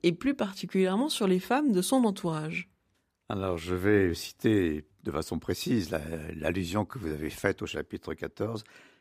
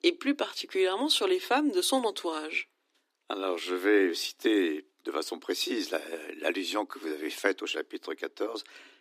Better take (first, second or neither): first